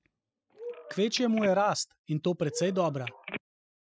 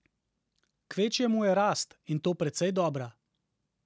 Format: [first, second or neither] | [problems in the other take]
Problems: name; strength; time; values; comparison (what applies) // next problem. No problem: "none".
second | noise reduction (classical method Wiener filter)